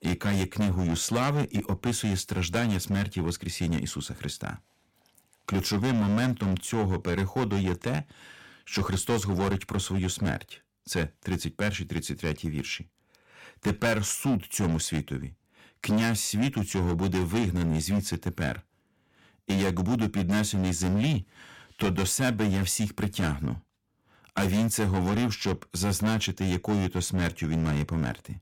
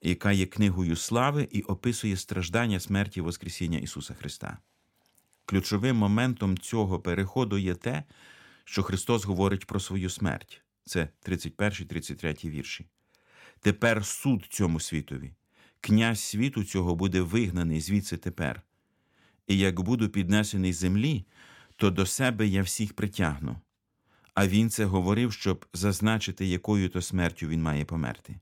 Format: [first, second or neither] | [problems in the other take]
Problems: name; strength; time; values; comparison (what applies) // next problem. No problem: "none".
second | distortion; heavy; 10% of the sound clipped